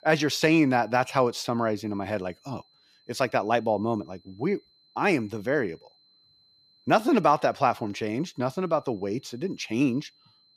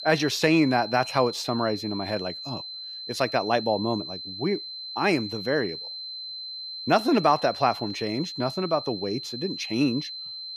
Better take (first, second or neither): first